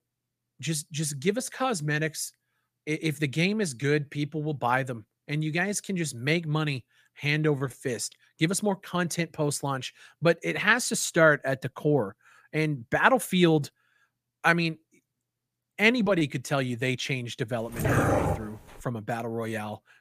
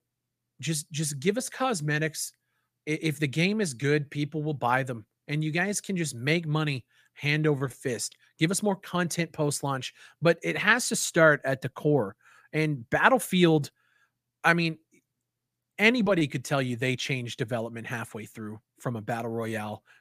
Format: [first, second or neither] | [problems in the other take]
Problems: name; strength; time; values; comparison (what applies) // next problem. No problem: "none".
second | dog barking; loud; from 18 to 19 s; peak 3 dB above the speech